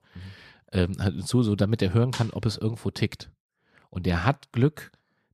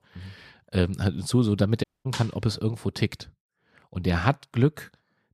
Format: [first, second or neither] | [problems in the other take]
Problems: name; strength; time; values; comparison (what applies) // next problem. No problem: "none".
first | audio cutting out; at 2 s